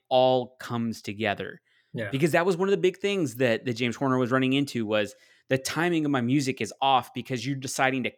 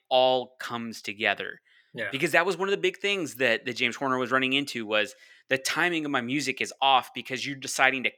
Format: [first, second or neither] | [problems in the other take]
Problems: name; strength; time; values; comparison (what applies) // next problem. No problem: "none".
first | thin; very slightly; fading below 900 Hz